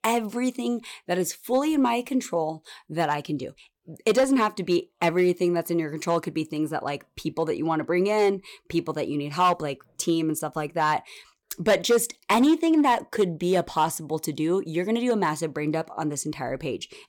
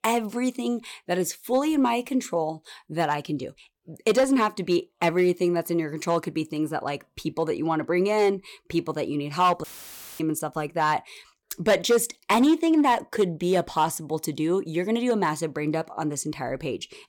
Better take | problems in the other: first | audio cutting out; filled with static; at 9.5 s for 0.5 s

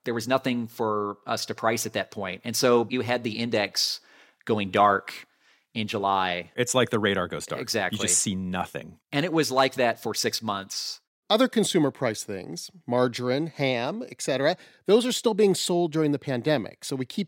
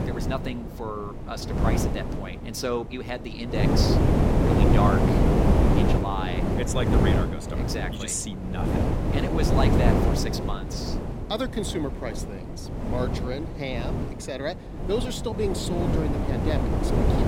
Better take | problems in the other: first | wind noise on the microphone; heavy; 2 dB above the speech

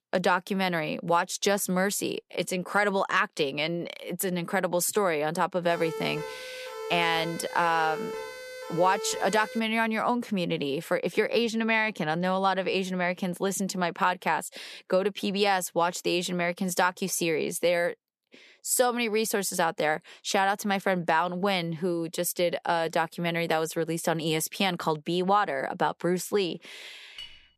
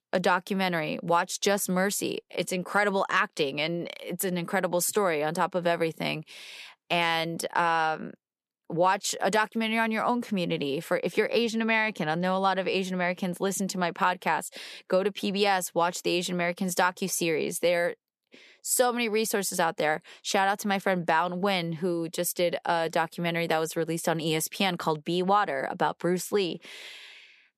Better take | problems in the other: second | siren; noticeable; from 5.5 to 9.5 s; peak 8 dB below the speech // clattering dishes; faint; at 27 s; peak 15 dB below the speech

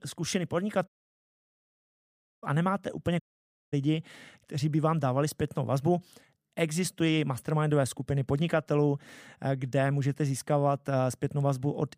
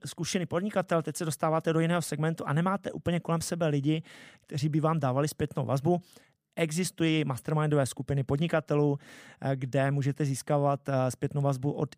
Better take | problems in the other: second | audio cutting out; at 1 s for 1.5 s and at 3 s for 0.5 s

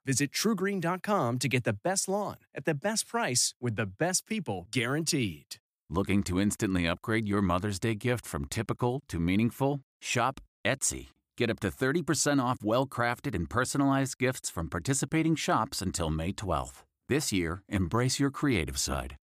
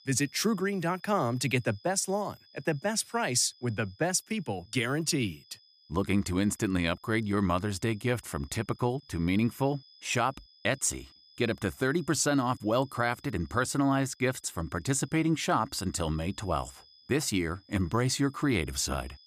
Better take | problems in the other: first | high-pitched whine; faint; throughout; 5 kHz, 25 dB below the speech

